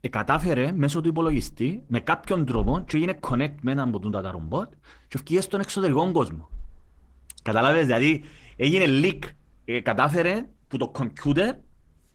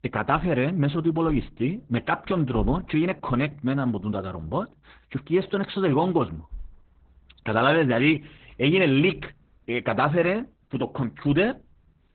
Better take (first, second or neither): first